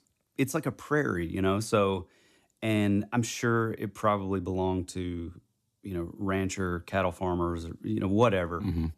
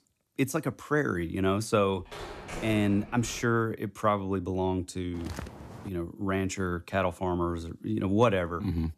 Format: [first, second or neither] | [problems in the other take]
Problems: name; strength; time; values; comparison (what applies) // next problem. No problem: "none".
first | phone ringing; noticeable; from 2 to 3.5 s; peak 10 dB below the speech // footsteps; faint; at 5 s; peak 10 dB below the speech